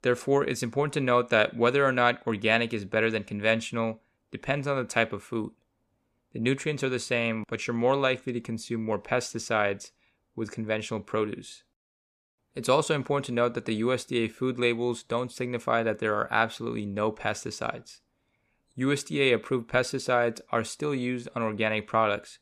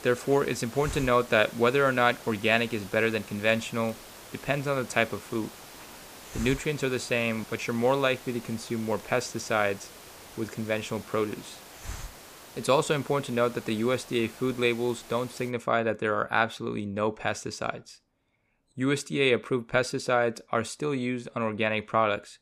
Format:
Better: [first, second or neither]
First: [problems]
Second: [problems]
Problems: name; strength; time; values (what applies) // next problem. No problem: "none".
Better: first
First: none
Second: hiss; noticeable; until 16 s; 15 dB below the speech